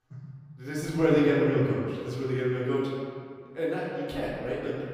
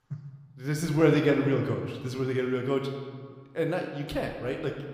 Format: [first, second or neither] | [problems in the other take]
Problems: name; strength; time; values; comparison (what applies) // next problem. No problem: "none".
second | room echo; strong; dies away in 1.9 s; slight in the second // off-mic speech; far